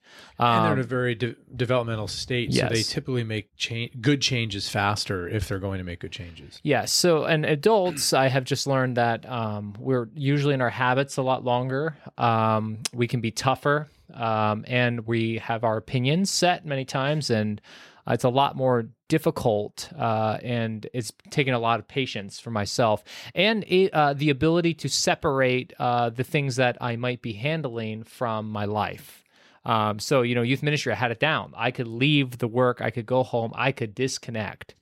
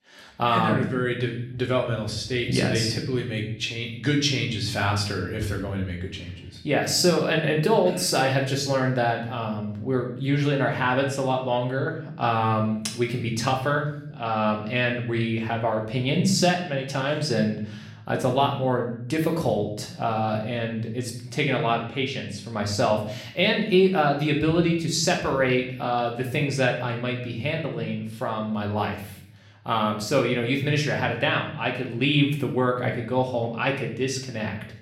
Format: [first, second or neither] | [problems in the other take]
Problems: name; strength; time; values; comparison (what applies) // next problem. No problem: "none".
first | room echo; slight; dies away in 0.6 s // off-mic speech; somewhat distant